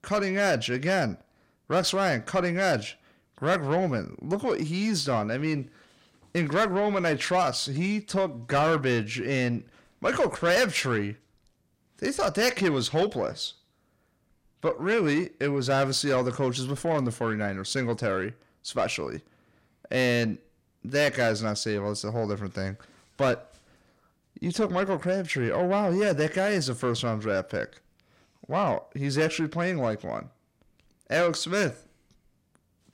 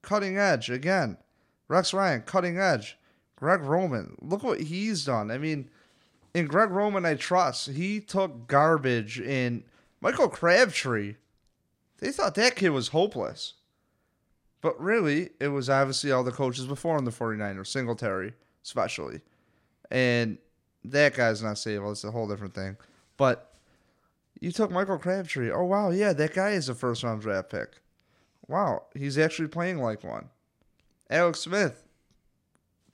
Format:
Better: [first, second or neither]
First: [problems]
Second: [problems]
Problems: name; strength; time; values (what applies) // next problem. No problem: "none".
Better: second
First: distortion; slight; 10 dB below the speech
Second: none